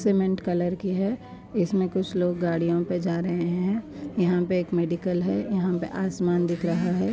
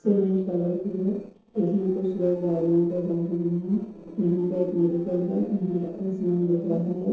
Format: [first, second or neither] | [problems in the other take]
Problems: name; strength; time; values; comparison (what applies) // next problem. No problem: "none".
first | noise reduction (neural separator model SepFormer DNS4)